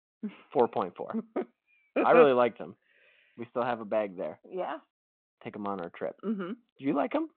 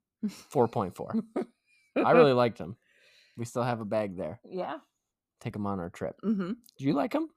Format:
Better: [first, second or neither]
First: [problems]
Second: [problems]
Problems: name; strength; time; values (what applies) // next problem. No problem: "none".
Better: second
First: phone-call audio; nothing above 3.5 kHz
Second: none